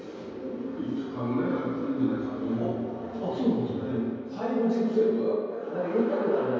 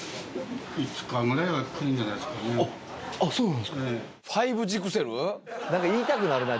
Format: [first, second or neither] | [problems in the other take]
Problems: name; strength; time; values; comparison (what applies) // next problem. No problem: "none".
second | room echo; dies away in 2.2 s